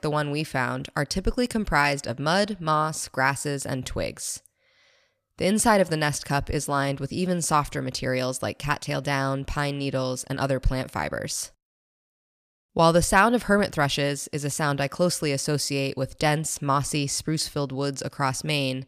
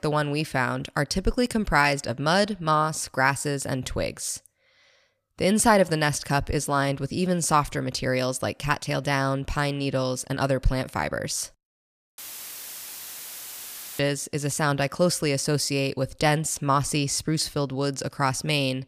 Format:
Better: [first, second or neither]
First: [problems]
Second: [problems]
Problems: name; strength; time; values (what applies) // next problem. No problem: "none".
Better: first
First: none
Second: audio cutting out; filled with static; at 12 s for 2 s